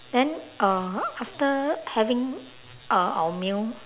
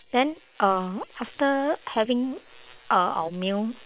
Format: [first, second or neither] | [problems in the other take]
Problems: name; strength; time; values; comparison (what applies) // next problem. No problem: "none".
first | noise reduction (neural separator model SepFormer WHAM!)